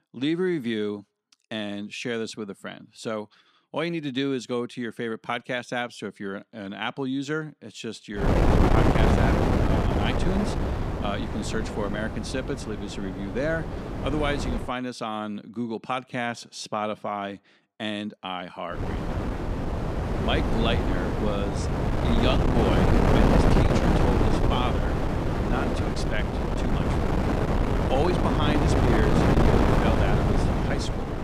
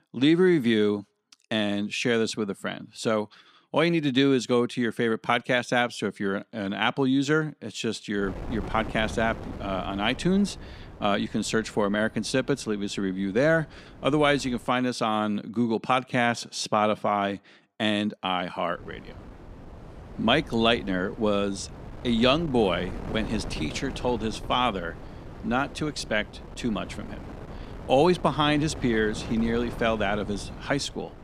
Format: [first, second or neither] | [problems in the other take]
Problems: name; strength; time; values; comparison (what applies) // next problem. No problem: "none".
second | wind noise on the microphone; heavy; from 8 to 15 s and from 19 s on; 3 dB above the speech; occasional gusts in the second